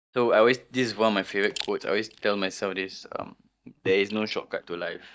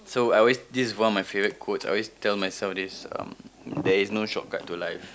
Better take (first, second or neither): second